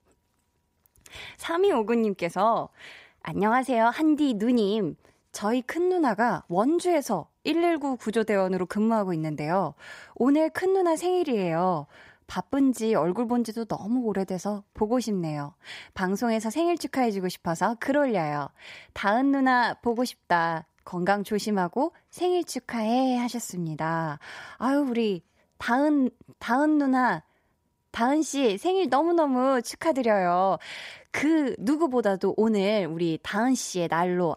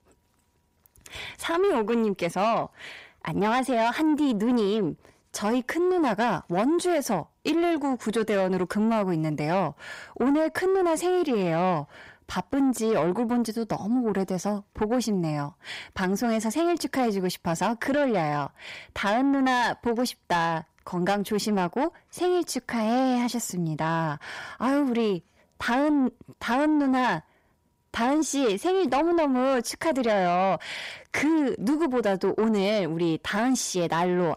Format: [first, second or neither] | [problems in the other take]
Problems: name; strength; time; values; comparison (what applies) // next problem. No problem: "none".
first | distortion; slight; 10 dB below the speech